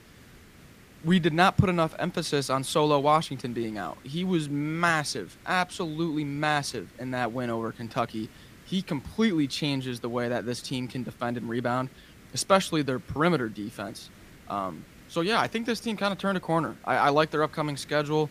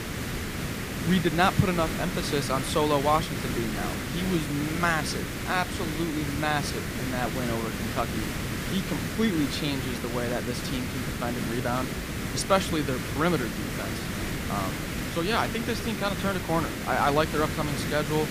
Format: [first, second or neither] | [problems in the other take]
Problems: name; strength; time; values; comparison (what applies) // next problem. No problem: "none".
first | hiss; loud; throughout; 3 dB below the speech; faint in the first